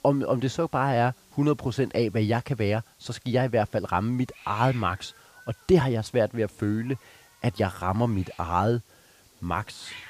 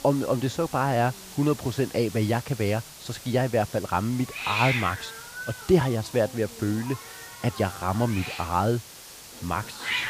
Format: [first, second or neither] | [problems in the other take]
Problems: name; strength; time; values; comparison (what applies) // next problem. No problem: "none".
first | hiss; loud; throughout; 9 dB below the speech; faint in the first